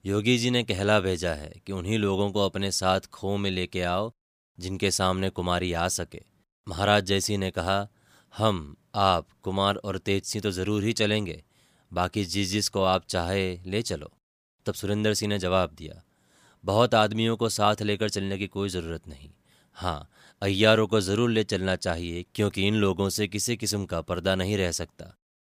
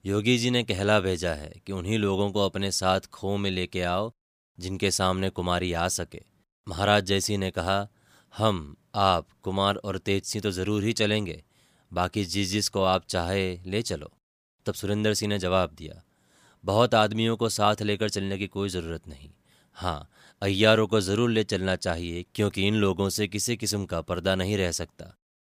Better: neither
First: none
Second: none

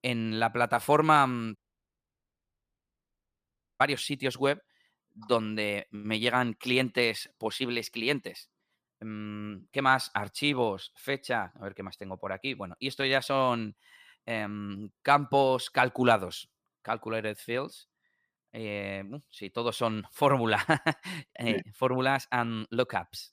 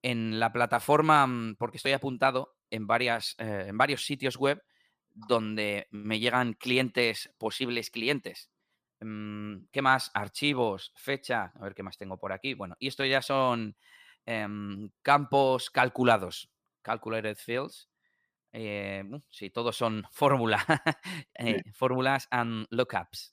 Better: second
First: audio cutting out; at 1.5 s for 2 s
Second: none

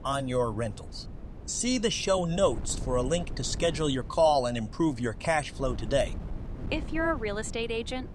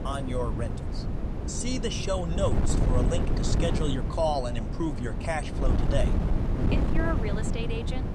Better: first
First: wind noise on the microphone; occasional gusts; 20 dB below the speech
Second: wind noise on the microphone; heavy; 5 dB below the speech

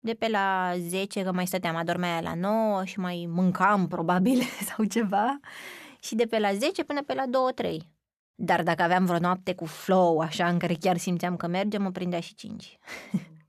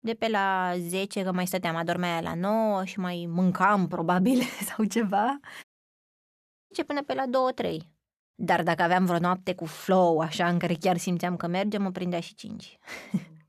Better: first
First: none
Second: audio cutting out; at 5.5 s for 1 s

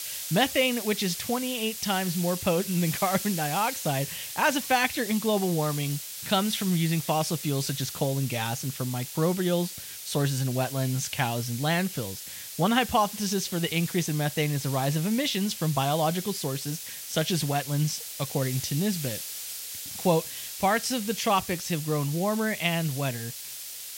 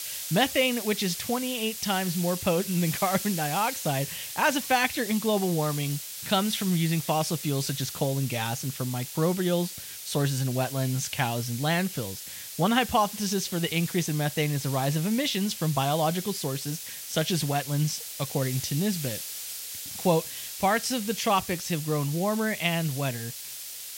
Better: neither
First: hiss; loud; throughout; 7 dB below the speech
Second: hiss; loud; throughout; 7 dB below the speech

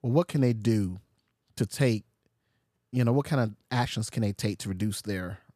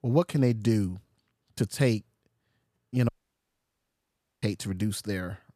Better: first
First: none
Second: audio cutting out; at 3 s for 1.5 s

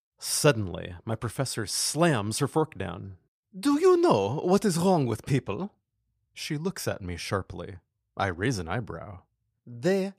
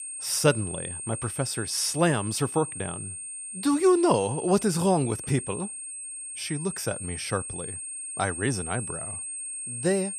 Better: first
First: none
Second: high-pitched whine; loud; throughout; 8.5 kHz, 7 dB below the speech

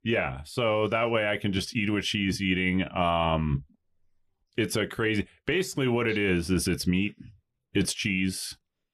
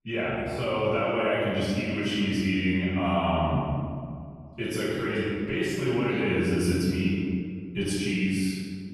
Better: first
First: none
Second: off-mic speech; far // room echo; strong; dies away in 2 s

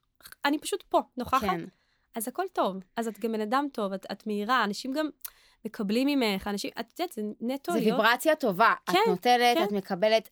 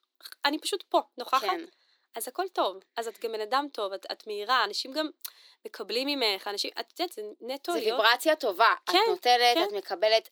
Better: first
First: none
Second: thin; somewhat; fading below 300 Hz

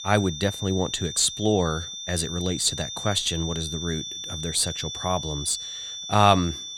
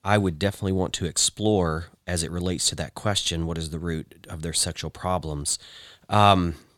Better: second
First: high-pitched whine; loud; throughout; 3.5 kHz, 7 dB below the speech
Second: none

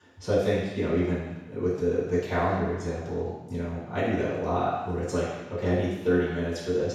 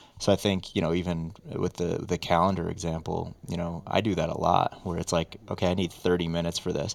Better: second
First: room echo; strong; dies away in 1.1 s // off-mic speech; far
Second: room echo; slight; dies away in 3 s

